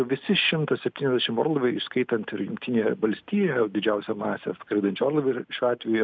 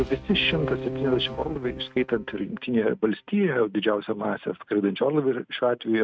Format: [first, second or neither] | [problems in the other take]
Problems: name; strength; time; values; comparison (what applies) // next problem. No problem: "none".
first | noise reduction (neural mask model RNNoise)